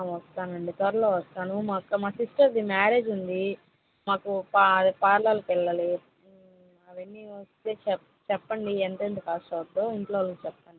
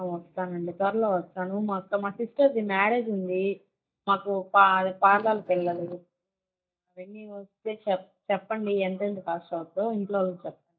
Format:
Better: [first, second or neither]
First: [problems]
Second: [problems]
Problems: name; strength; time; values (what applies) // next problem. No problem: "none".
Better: first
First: none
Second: noise reduction (neural mask model DeepFilterNet 3)